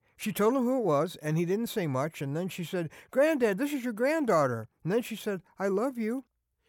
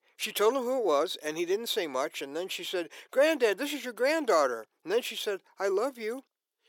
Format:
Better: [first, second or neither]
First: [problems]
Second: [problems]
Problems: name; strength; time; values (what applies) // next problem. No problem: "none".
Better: first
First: none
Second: thin; somewhat; fading below 350 Hz